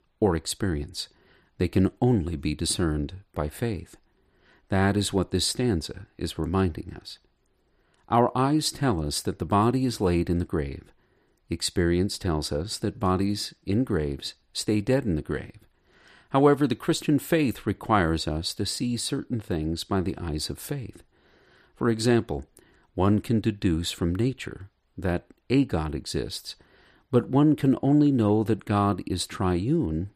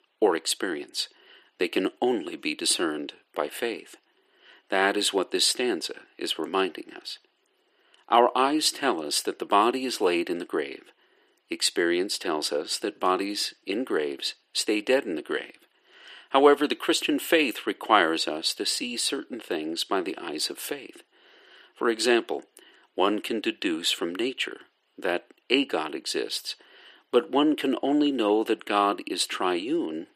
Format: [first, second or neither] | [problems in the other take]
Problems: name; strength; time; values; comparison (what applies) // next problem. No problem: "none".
first | thin; somewhat; fading below 350 Hz